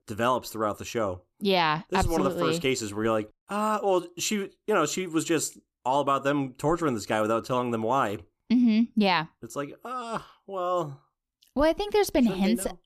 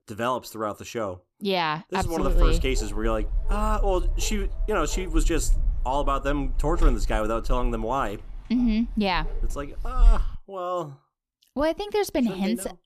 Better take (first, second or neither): first